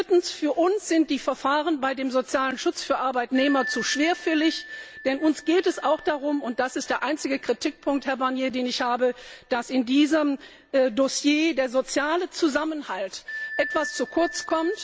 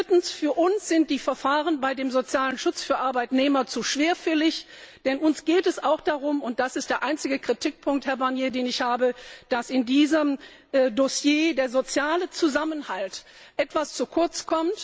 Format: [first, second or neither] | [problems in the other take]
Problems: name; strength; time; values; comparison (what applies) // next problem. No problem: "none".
second | background sound (Bell); 16 dB below the speech